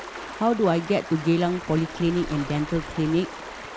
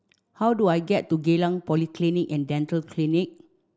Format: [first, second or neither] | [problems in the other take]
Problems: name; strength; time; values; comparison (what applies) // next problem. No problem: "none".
second | background sound (Stream); 12 dB below the speech